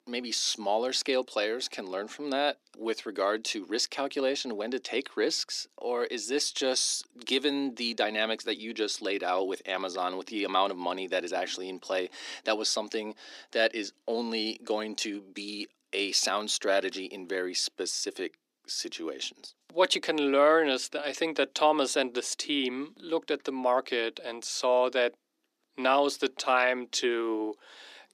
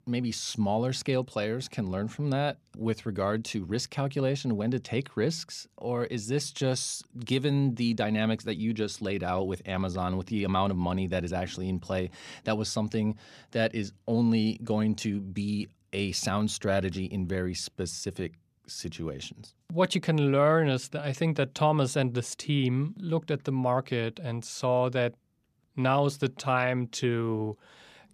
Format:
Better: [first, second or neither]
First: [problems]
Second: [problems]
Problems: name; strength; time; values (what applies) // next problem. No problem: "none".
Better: second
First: thin; somewhat; fading below 300 Hz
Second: none